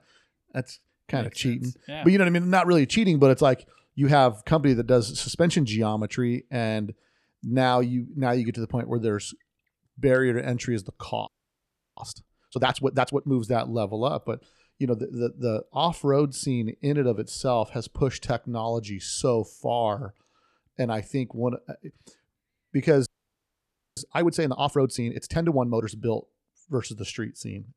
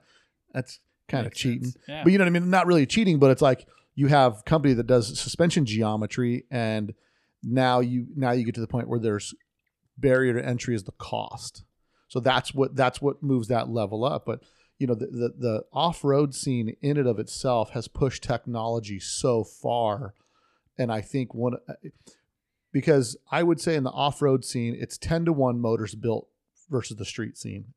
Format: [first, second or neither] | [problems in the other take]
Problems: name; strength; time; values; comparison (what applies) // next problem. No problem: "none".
second | audio freezing; at 11 s for 0.5 s and at 23 s for 1 s